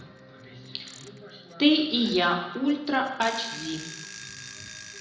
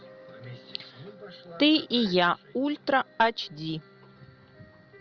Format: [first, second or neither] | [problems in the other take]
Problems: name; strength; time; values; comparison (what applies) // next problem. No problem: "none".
second | background sound (Alarm / Clock); 16 dB below the speech // room echo; dies away in 0.9 s